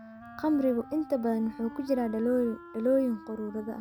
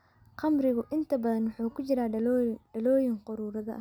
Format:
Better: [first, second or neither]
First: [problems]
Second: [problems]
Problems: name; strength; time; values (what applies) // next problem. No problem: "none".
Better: second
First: background sound (Wind instrument, woodwind instrument); 18 dB below the speech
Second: none